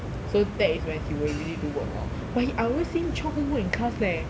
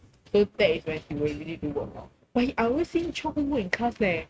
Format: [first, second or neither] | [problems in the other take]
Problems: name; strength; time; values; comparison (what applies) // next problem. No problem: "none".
first | noise reduction (neural mask model RNNoise)